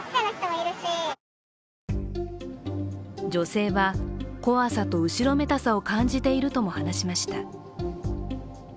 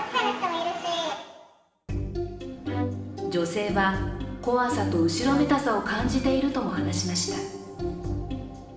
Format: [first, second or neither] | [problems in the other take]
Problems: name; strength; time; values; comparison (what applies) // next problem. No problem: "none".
first | background sound (Bowed string instrument); 15 dB below the speech // room echo; dies away in 1 s